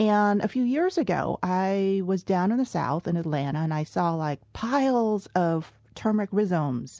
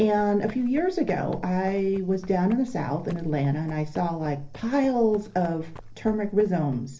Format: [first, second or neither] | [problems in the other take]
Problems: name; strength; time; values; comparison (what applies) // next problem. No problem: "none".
first | background sound (Run); 16 dB below the speech // room echo; dies away in 0.3 s